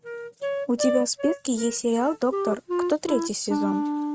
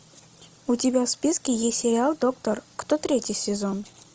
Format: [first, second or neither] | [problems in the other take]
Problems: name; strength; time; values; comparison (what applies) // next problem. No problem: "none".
second | noise reduction (neural mask model RNNoise)